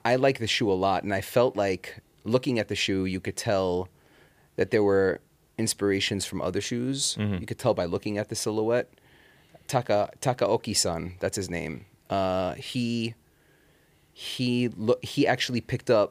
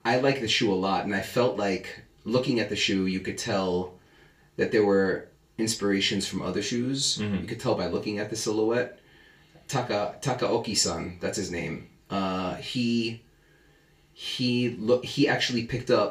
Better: first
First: none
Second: room echo; slight; dies away in 0.3 s // off-mic speech; far

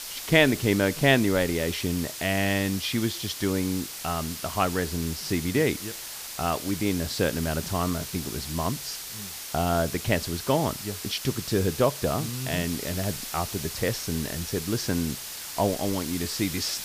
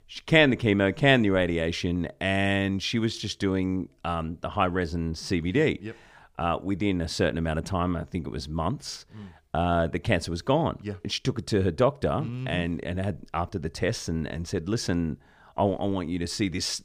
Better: second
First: hiss; loud; throughout; 7 dB below the speech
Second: none

